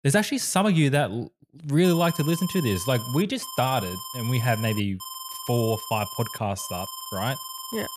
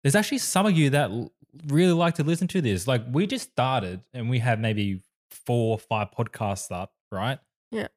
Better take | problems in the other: second | alarm; noticeable; from 2 s on; peak 9 dB below the speech

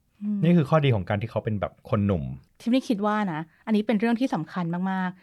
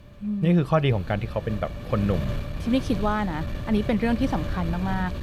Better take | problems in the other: first | wind noise on the microphone; occasional gusts; 10 dB below the speech

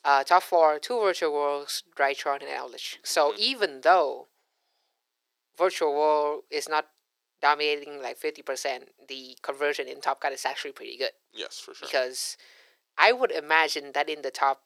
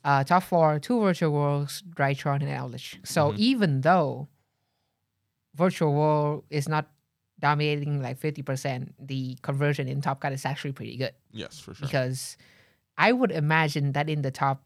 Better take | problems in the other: second | thin; very; fading below 350 Hz

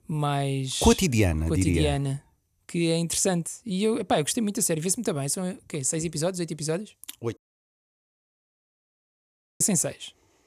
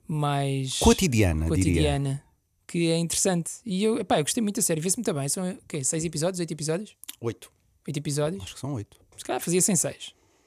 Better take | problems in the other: second | audio cutting out; at 7.5 s for 2 s

